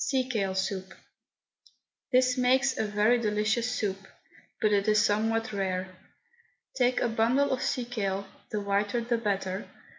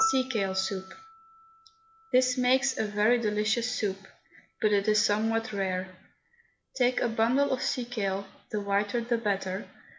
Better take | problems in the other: first | background sound (Piano); 15 dB below the speech

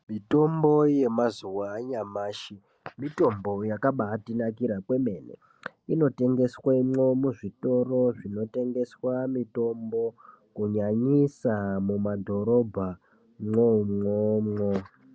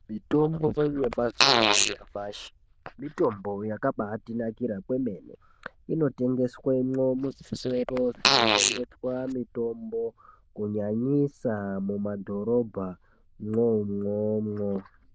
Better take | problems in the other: first | noise reduction (neural diffusion model UNIVERSE++)

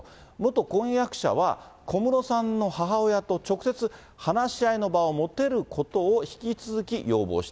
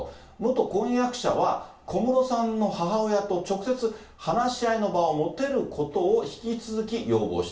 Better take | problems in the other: first | room echo; dies away in 0.4 s

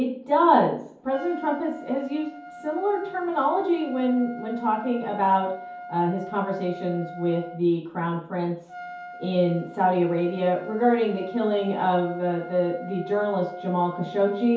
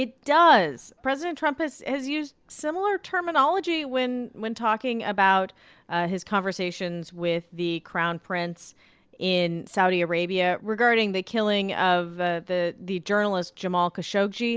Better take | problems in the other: second | background sound (Trumpet); 16 dB below the speech // room echo; dies away in 0.6 s

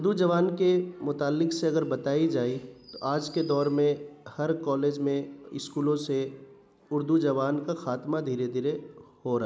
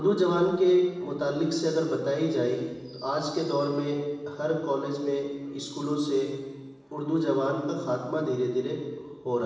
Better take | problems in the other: first | room echo; dies away in 1.2 s

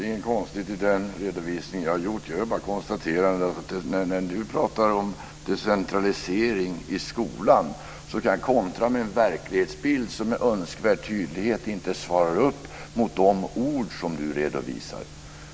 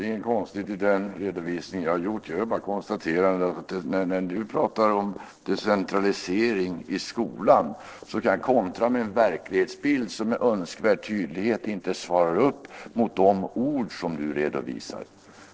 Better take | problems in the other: first | noise reduction (neural separator model SepFormer DNS4)

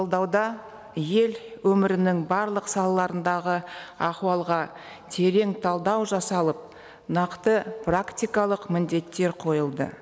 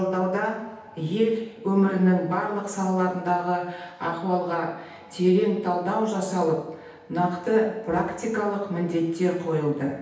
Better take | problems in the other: first | room echo; dies away in 0.9 s

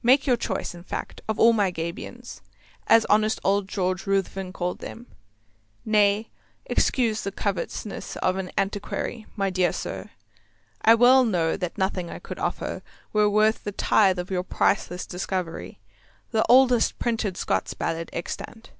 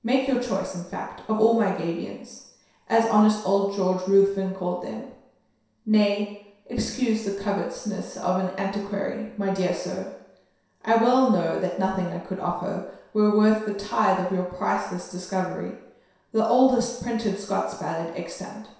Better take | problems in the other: first | room echo; dies away in 0.7 s

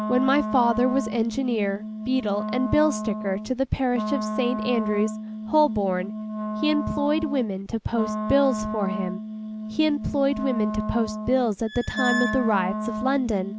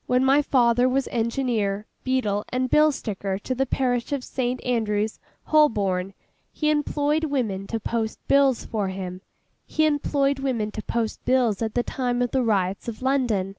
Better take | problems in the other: second | background sound (Squeak + Wind instrument, woodwind instrument); 5 dB below the speech

